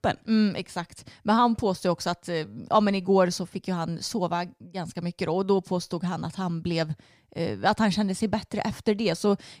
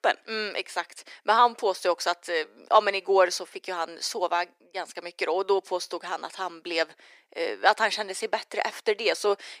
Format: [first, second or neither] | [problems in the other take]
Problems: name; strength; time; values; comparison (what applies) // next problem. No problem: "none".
first | thin; very; fading below 350 Hz